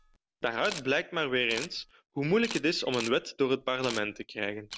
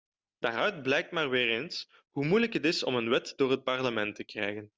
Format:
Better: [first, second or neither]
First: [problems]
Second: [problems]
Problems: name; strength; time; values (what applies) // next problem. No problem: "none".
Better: second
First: background sound (Camera); 14 dB below the speech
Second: none